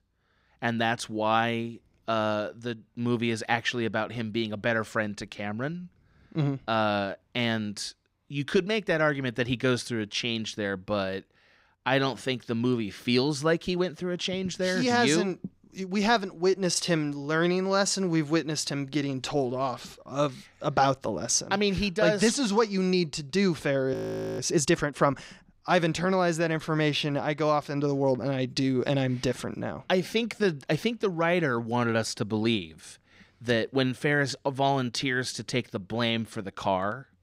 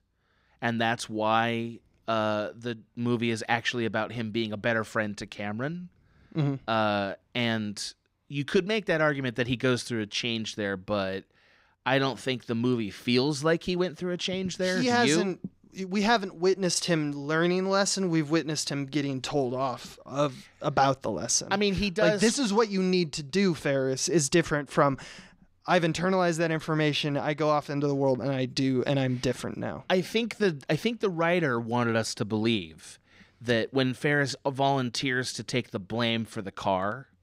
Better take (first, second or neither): second